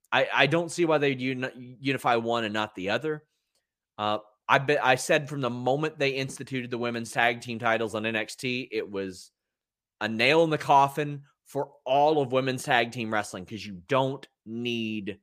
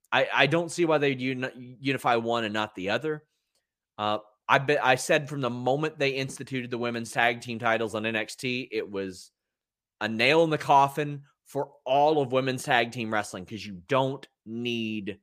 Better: neither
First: none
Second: none

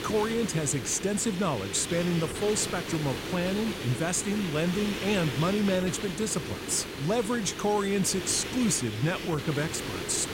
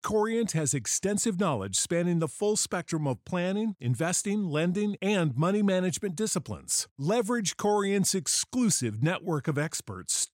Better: second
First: hiss; loud; throughout; 6 dB below the speech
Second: none

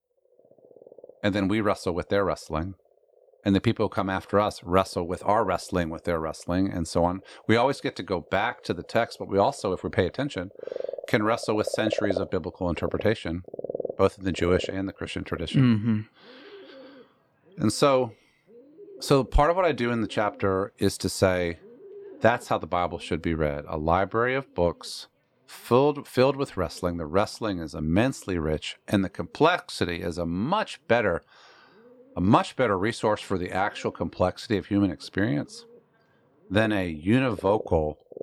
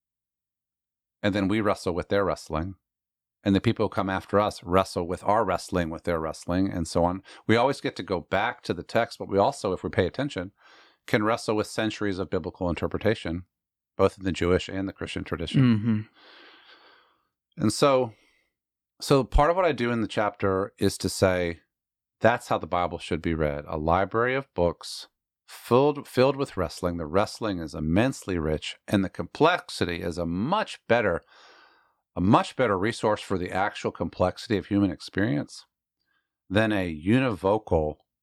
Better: second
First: animal sounds; noticeable; throughout; 15 dB below the speech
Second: none

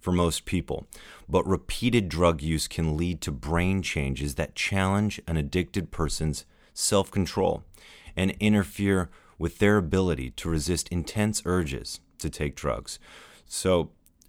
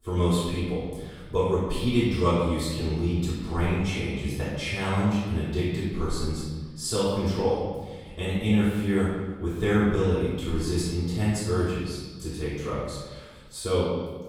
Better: first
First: none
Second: off-mic speech; far // room echo; strong; dies away in 1.2 s

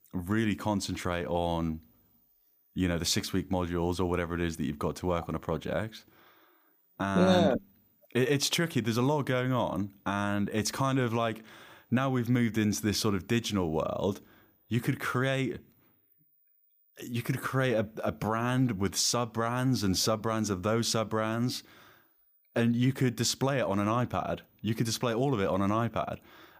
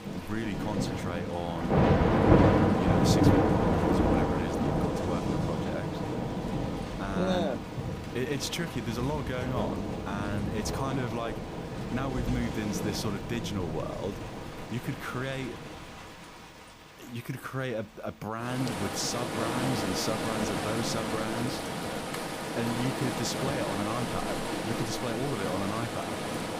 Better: first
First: none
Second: rain or running water; very loud; throughout; 4 dB above the speech

